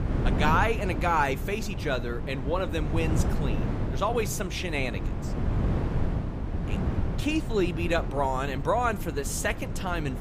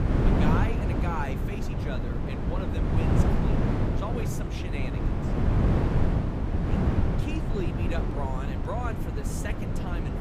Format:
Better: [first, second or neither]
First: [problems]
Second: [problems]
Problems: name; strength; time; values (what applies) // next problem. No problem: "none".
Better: first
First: wind noise on the microphone; occasional gusts; 10 dB below the speech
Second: wind noise on the microphone; heavy; 2 dB above the speech